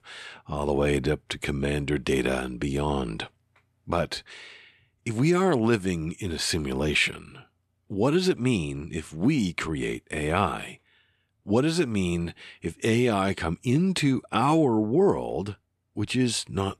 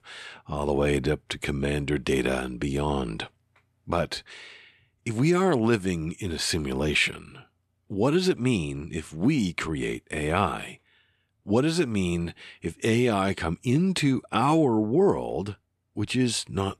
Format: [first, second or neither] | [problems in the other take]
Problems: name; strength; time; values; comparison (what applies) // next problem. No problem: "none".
neither | none